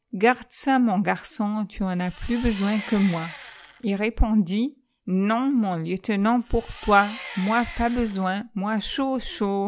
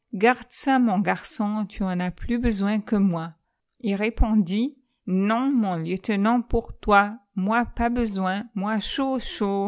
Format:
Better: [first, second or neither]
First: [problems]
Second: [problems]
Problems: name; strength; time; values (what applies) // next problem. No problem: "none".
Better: second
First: background sound (Engine); 17 dB below the speech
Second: none